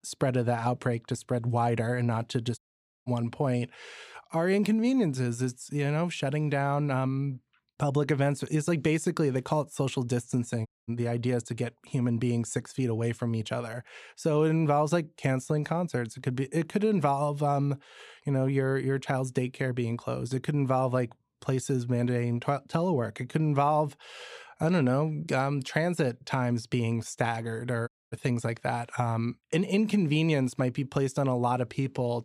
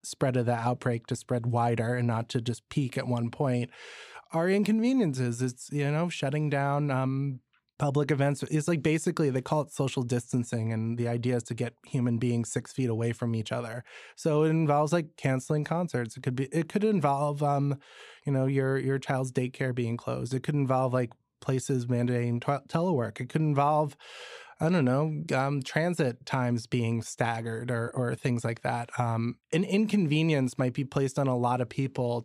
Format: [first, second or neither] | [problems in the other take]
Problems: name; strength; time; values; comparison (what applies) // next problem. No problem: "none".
second | audio cutting out; at 2.5 s, at 11 s and at 28 s